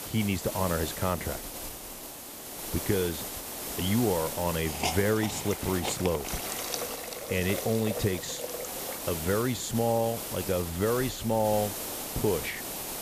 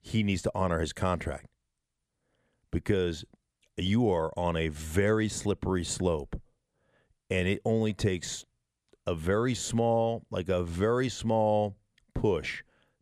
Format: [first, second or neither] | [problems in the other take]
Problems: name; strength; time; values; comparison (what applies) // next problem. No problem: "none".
second | hiss; loud; throughout; 5 dB below the speech